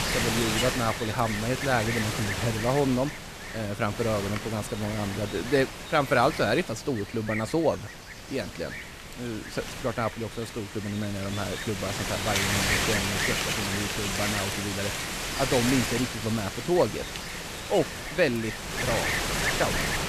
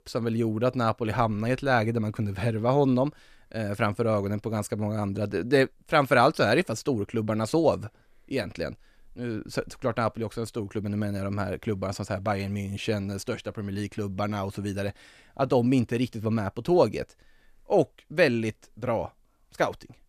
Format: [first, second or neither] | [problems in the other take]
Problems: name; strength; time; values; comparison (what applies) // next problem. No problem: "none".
second | wind noise on the microphone; heavy; as loud as the speech